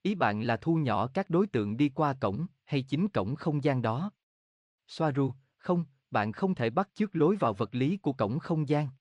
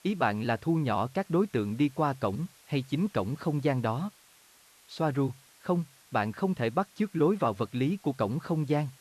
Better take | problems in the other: first | hiss; faint; throughout; 25 dB below the speech

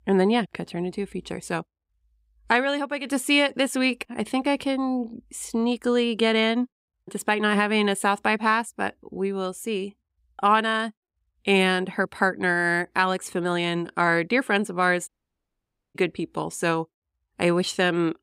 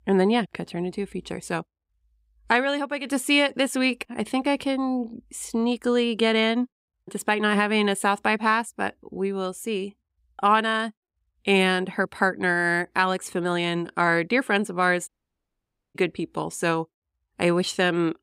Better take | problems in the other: neither | audio cutting out; at 15 s for 1 s; the same in both

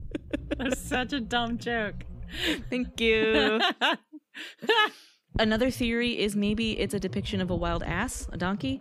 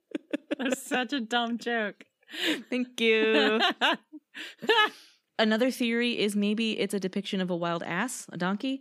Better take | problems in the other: second | low rumble; faint; until 3.5 s and from 5.5 s on; 25 dB below the speech

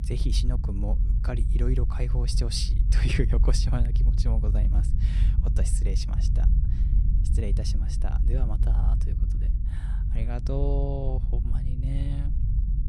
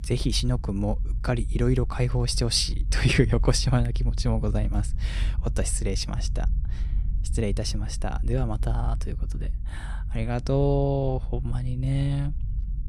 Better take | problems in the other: second | low rumble; loud; throughout; 7 dB below the speech; faint in the second

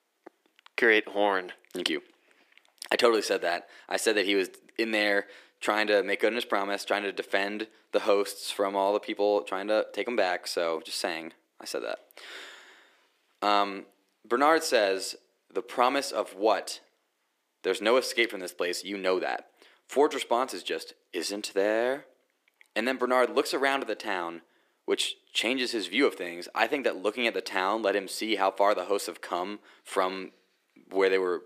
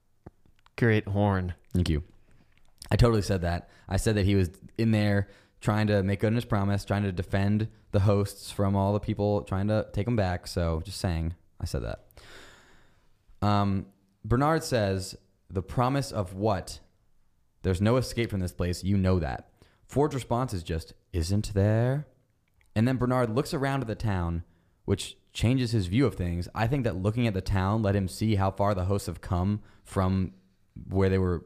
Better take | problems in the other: second | thin; very; fading below 300 Hz

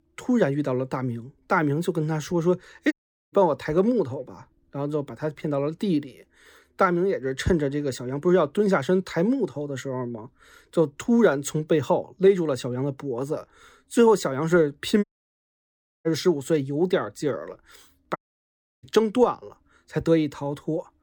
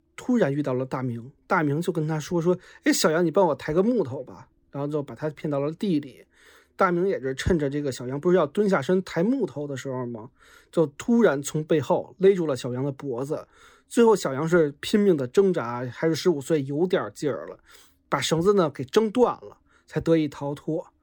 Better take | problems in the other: second | audio cutting out; at 3 s, at 15 s for 1 s and at 18 s for 0.5 s

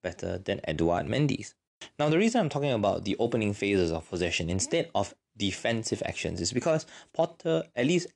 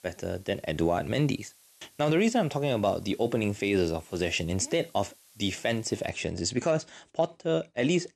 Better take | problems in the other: first | hiss; faint; until 6 s; 25 dB below the speech

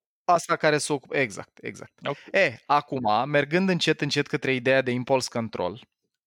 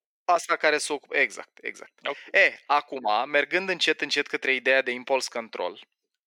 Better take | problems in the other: first | thin; somewhat; fading below 350 Hz

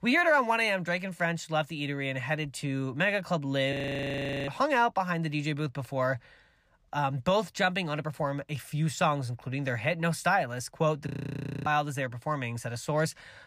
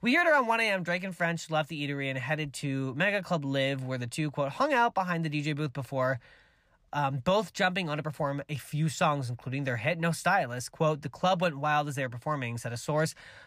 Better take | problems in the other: second | audio freezing; at 3.5 s for 0.5 s and at 11 s for 0.5 s

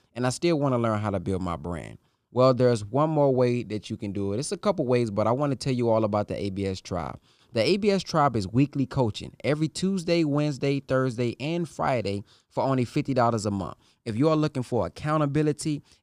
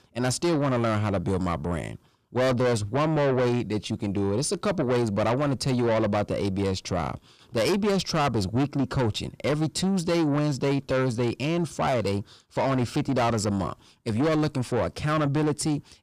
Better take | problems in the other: first | distortion; heavy; 7 dB below the speech

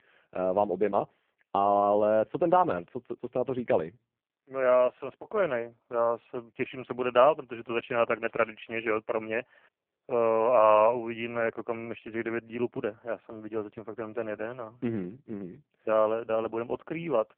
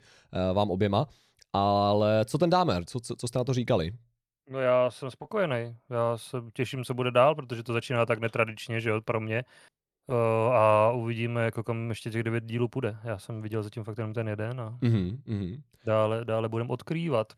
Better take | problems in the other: second | phone-call audio; poor line

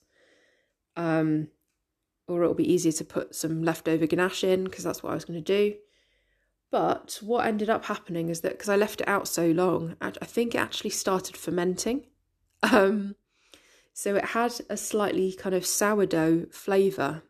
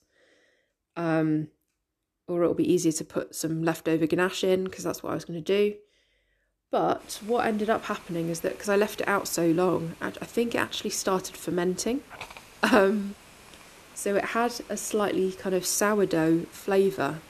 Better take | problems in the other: first | hiss; faint; from 7 s on; 20 dB below the speech

